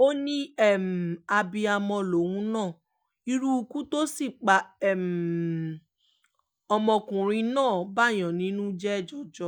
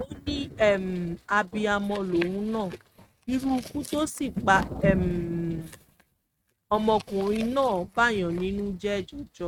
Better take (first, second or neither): first